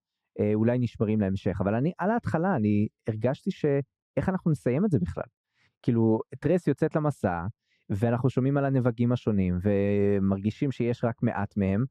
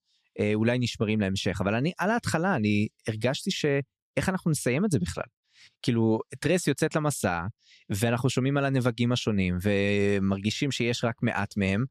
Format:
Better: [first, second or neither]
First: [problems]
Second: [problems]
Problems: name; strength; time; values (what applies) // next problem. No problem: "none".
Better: second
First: muffled; very; fading above 2 kHz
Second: none